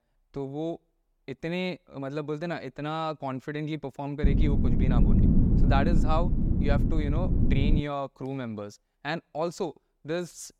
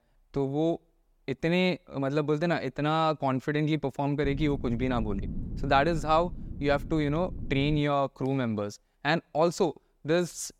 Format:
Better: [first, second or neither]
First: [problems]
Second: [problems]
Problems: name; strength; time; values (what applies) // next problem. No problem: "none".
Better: second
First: low rumble; loud; from 4 to 8 s; 2 dB below the speech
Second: low rumble; faint; from 4 to 8 s; 20 dB below the speech